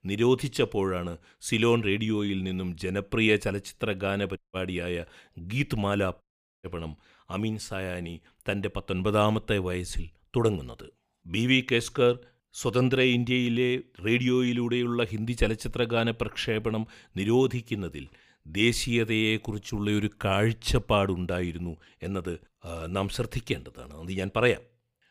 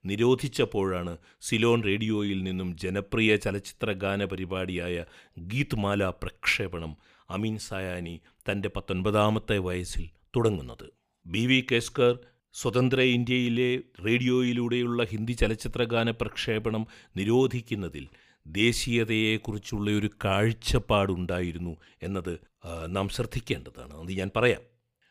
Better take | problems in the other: second | audio cutting out; at 4.5 s and at 6 s

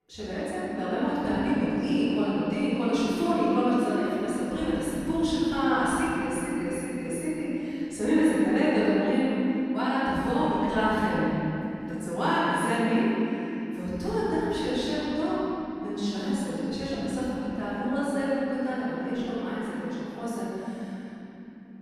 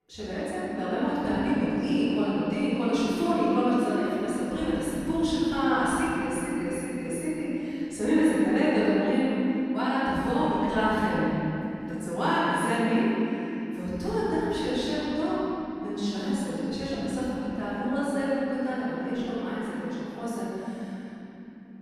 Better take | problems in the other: neither | room echo; strong; dies away in 3 s; the same in both // off-mic speech; far; the same in both

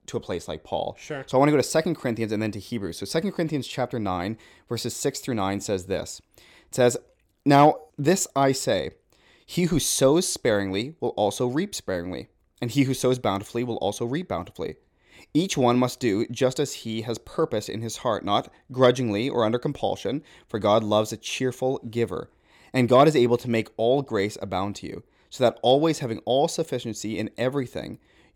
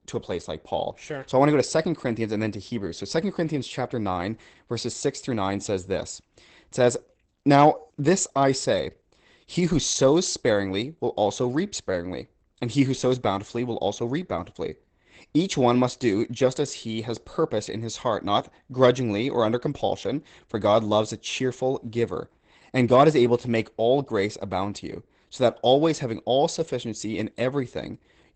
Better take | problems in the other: first | garbled, watery; badly; nothing above 8 kHz

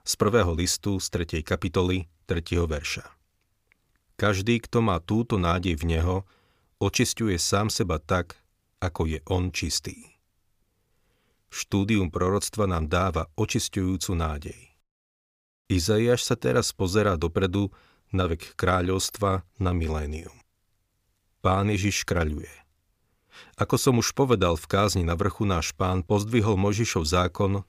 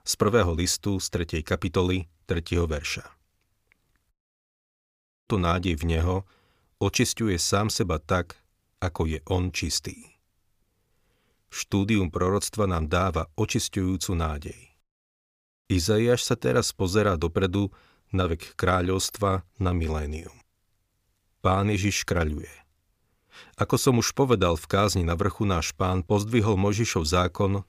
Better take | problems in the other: first | audio cutting out; at 4 s for 1 s

